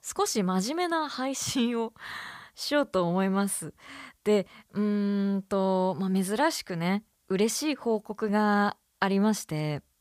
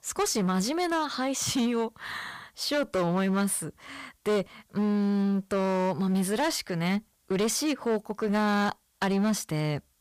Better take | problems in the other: first | distortion; slight; 14% of the sound clipped

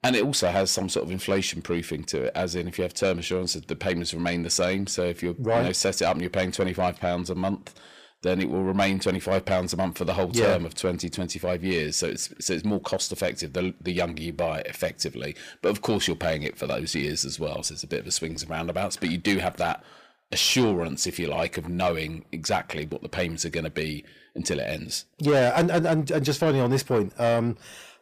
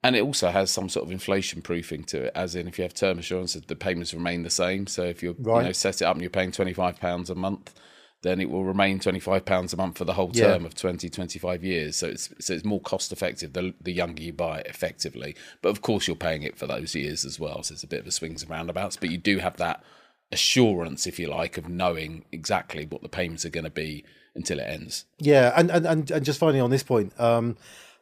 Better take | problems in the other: second | distortion; slight; 10 dB below the speech

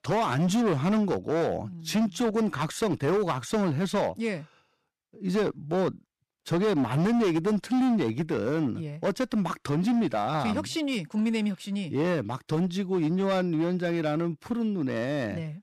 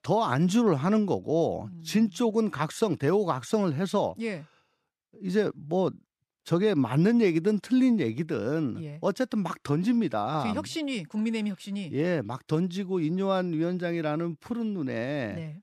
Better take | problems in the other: second | distortion; slight; 13% of the sound clipped

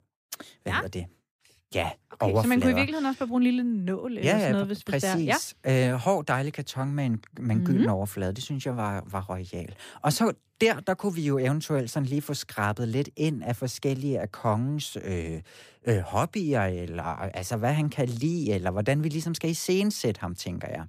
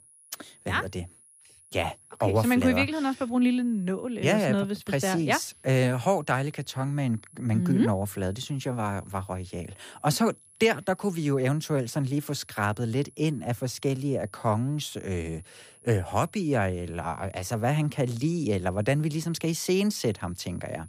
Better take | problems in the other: first | high-pitched whine; faint; throughout; 10.5 kHz, 25 dB below the speech

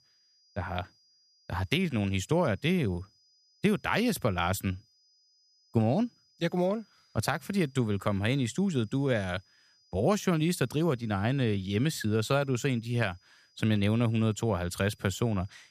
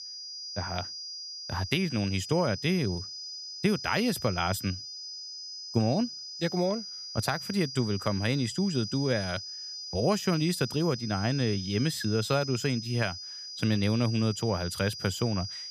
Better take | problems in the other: first | high-pitched whine; loud; throughout; 5 kHz, 8 dB below the speech; faint in the first

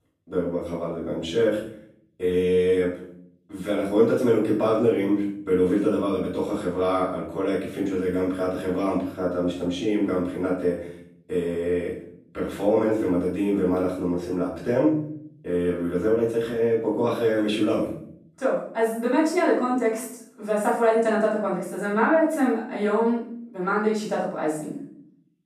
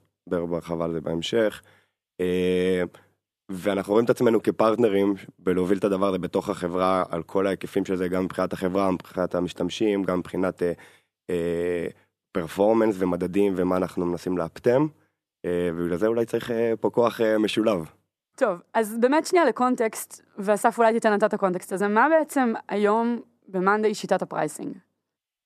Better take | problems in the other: second | off-mic speech; far // room echo; noticeable; dies away in 0.6 s

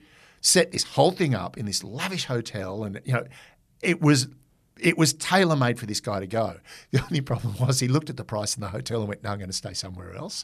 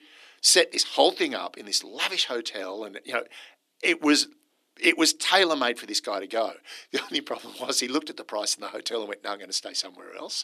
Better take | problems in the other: first | thin; somewhat; fading below 300 Hz

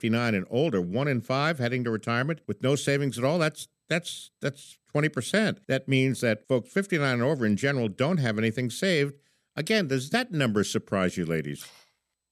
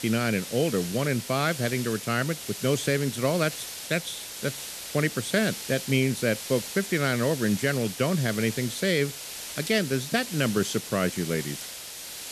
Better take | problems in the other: first | hiss; loud; throughout; 8 dB below the speech

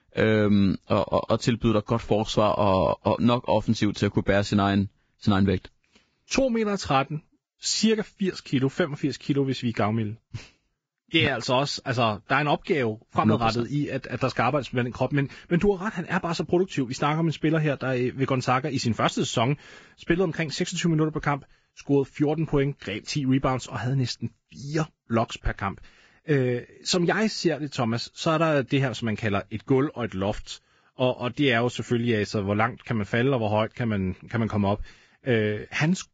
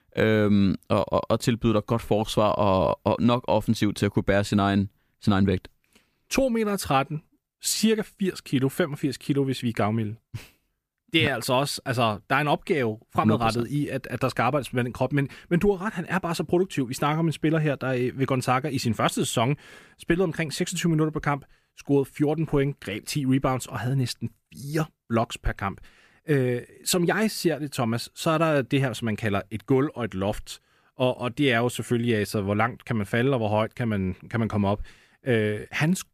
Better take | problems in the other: second | garbled, watery; badly; nothing above 7.5 kHz

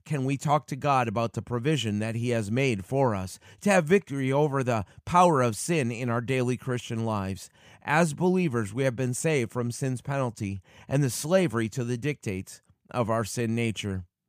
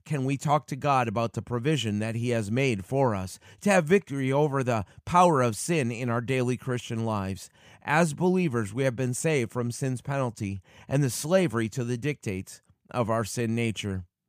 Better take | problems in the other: neither | none

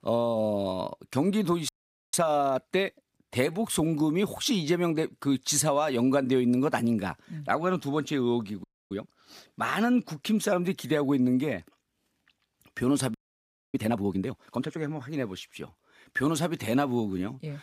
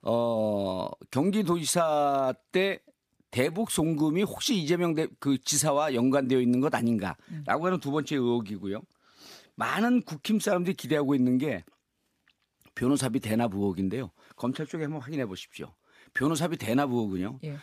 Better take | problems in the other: second | audio freezing; at 1.5 s, at 8.5 s and at 13 s for 0.5 s

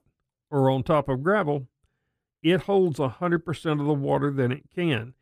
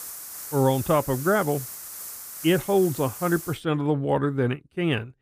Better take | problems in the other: first | hiss; noticeable; until 3.5 s; 10 dB below the speech

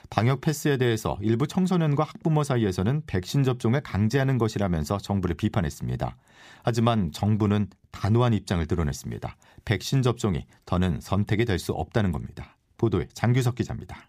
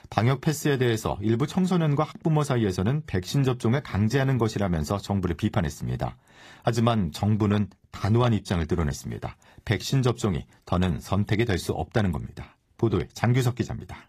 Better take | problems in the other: first | garbled, watery; slightly; nothing above 15 kHz

